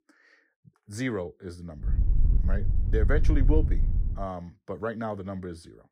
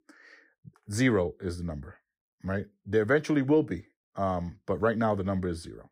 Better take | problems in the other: second | wind noise on the microphone; occasional gusts; from 2 to 4 s; 10 dB below the speech

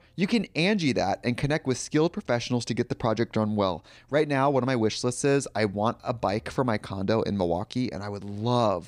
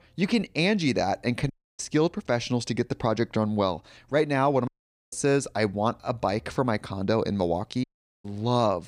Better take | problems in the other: first | audio cutting out; at 1.5 s, at 4.5 s and at 8 s

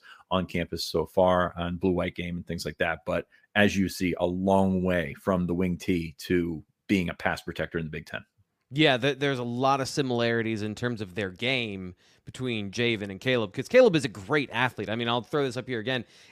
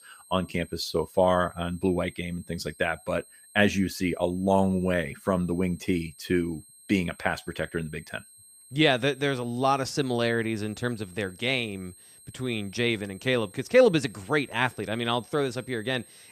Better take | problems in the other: first | high-pitched whine; faint; throughout; 8.5 kHz, 25 dB below the speech

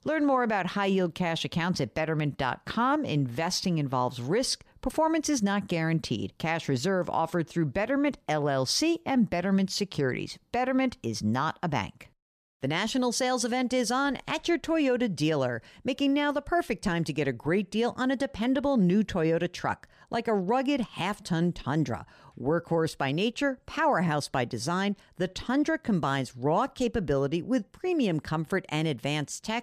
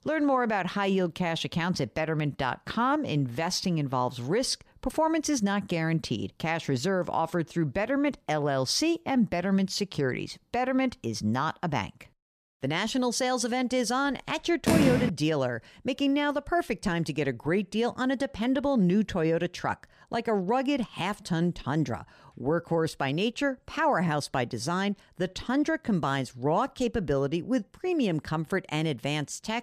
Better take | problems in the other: first | phone ringing; loud; at 15 s; peak 4 dB above the speech

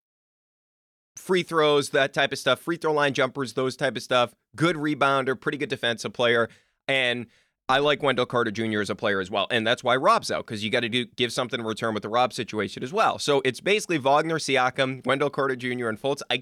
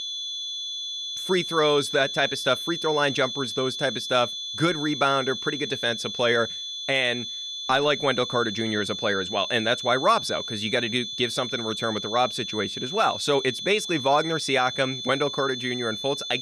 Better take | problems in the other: first | high-pitched whine; loud; throughout; 3.5 kHz, 6 dB below the speech

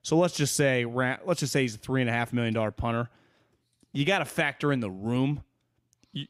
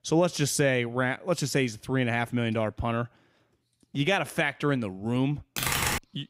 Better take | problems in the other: first | keyboard typing; loud; at 5.5 s; peak 2 dB above the speech

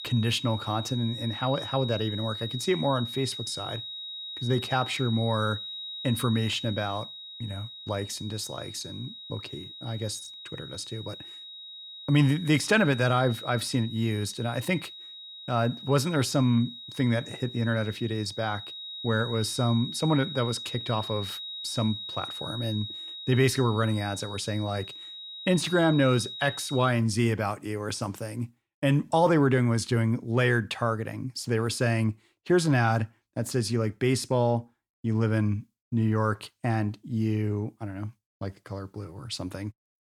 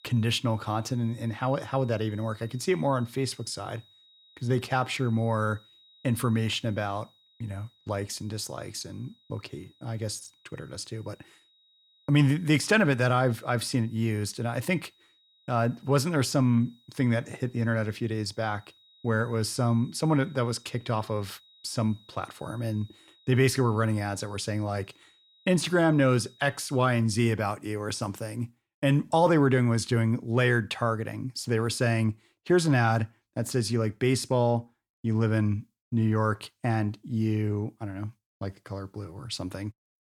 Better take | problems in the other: second | high-pitched whine; loud; until 27 s; 4 kHz, 10 dB below the speech; faint in the second

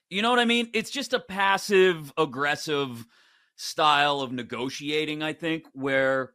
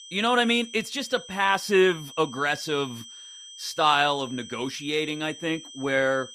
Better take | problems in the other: first | high-pitched whine; noticeable; throughout; 3 kHz, 15 dB below the speech

